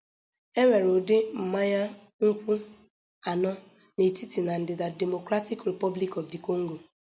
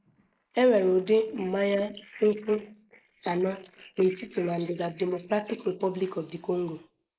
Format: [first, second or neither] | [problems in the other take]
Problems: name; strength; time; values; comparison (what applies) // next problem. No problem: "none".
first | noise reduction (neural mask model Resemble Enhance denoiser)